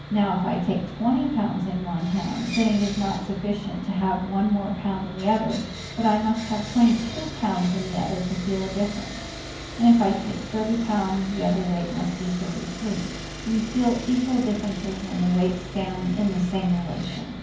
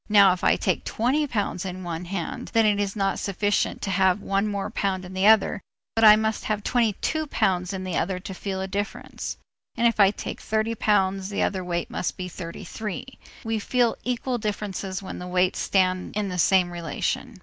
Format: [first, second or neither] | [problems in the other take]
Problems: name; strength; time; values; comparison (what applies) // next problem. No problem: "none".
second | background sound (Sawing); 11 dB below the speech // room echo; dies away in 0.9 s